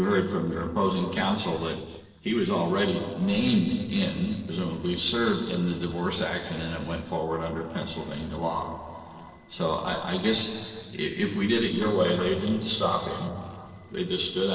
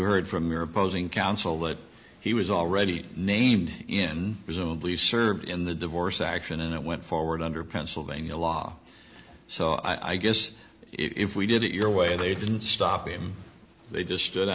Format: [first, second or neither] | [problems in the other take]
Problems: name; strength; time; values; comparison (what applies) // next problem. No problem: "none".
second | noise reduction (neural separator model SepFormer DNS4)